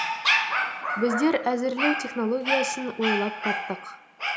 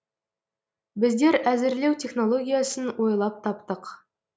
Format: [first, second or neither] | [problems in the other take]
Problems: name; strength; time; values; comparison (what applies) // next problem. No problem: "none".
second | background sound (Dog); as loud as the speech